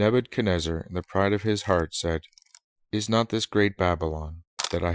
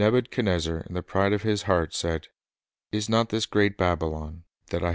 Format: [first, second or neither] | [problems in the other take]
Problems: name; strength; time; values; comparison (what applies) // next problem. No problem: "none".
second | noise reduction (classical method Wiener filter)